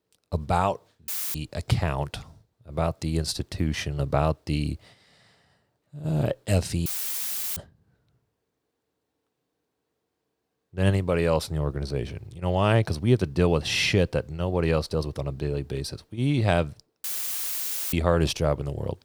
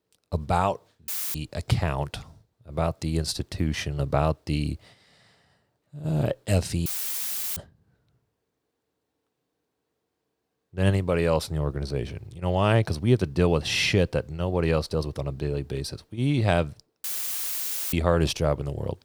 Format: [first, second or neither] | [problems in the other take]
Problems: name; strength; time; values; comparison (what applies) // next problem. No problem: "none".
neither | audio cutting out; filled with static; at 1 s, at 7 s for 0.5 s and at 17 s for 1 s; the same in both